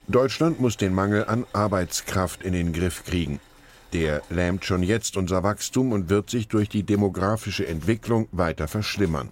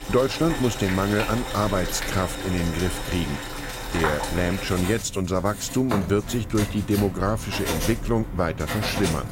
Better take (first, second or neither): first